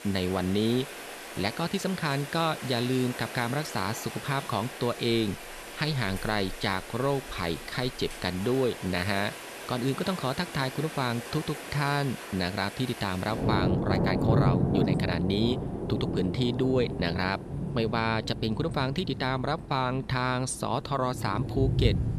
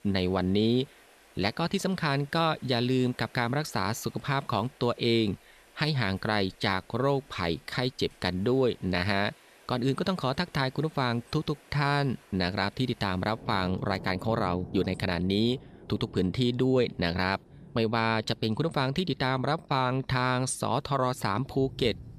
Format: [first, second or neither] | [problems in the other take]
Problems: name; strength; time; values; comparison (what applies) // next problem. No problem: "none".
second | rain or running water; loud; throughout; 5 dB below the speech; faint in the second